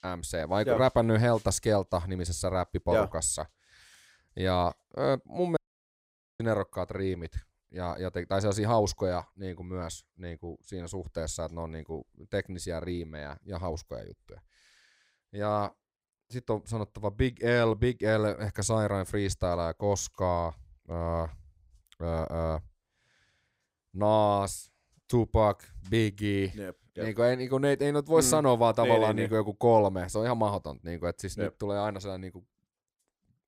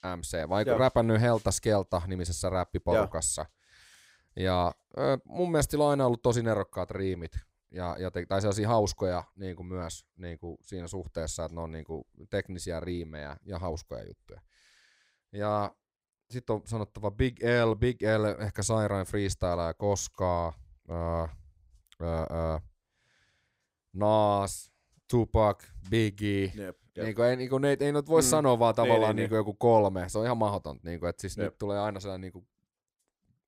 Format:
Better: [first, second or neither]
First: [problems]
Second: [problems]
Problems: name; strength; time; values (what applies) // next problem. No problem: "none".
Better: second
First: audio cutting out; at 5.5 s for 1 s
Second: none